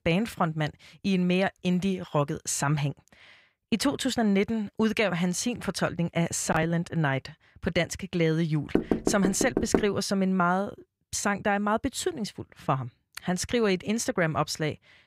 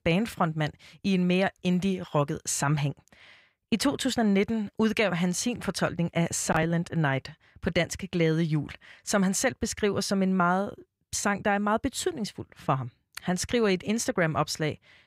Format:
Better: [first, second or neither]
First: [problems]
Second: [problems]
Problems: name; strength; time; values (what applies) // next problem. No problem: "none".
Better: second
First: door banging; loud; from 9 to 10 s; peak 1 dB above the speech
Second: none